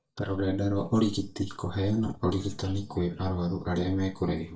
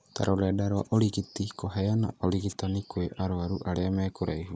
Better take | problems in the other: second | noise reduction (neural mask model DeepFilterNet 3)

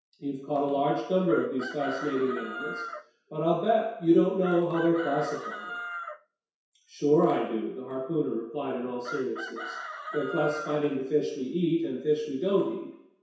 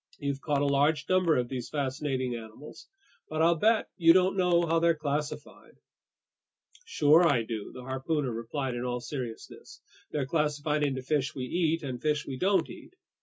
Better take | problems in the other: second | background sound (Chicken, rooster); 10 dB below the speech // room echo; dies away in 0.7 s

